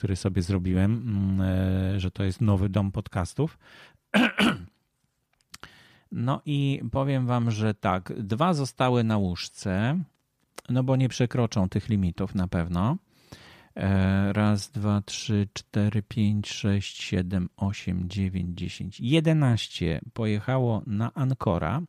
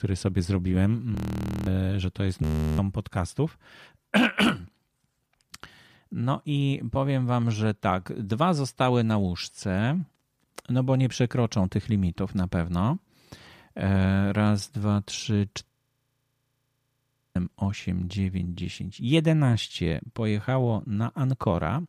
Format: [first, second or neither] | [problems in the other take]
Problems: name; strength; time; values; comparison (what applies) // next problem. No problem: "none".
first | audio freezing; at 1 s for 0.5 s, at 2.5 s and at 16 s for 1.5 s